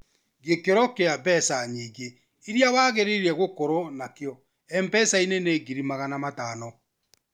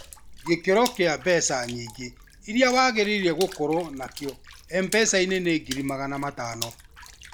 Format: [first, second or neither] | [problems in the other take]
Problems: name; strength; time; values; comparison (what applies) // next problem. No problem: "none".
first | background sound (Water / Splash, splatter); 16 dB below the speech